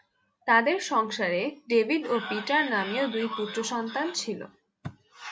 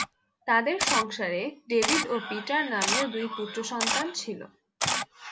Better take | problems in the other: first | background sound (Camera); 2 dB below the speech

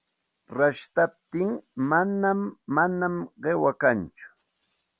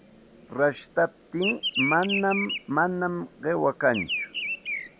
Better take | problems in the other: first | background sound (Bird vocalization, bird call, bird song); 6 dB below the speech

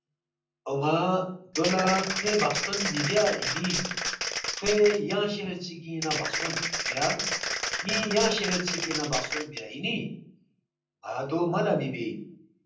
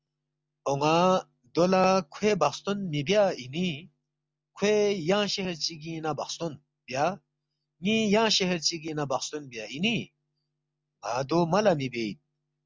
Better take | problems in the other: second | background sound (Applause); 2 dB below the speech // room echo; dies away in 0.6 s

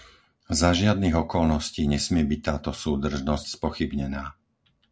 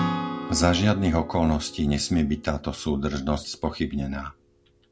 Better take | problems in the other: first | background sound (Acoustic guitar / Strum); 10 dB below the speech

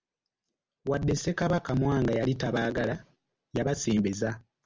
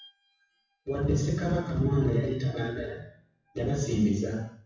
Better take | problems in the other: first | noise reduction (classical method WPE with log-MMSE)

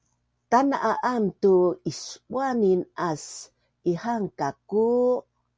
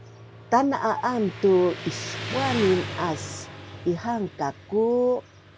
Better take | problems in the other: first | background sound (Motorcycle); 11 dB below the speech

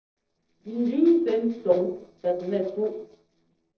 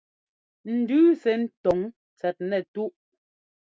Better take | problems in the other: second | noise reduction (neural separator model SepFormer DNS4)

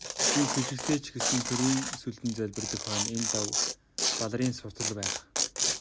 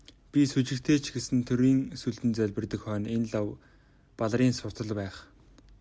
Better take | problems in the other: second | background sound (Tearing); 1 dB above the speech

